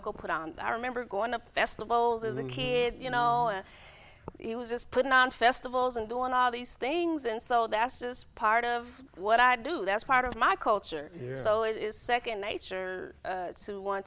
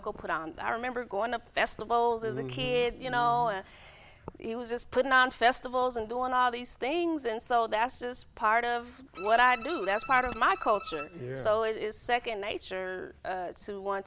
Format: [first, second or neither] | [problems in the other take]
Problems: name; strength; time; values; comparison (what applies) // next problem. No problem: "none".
first | background sound (Bowed string instrument); 15 dB below the speech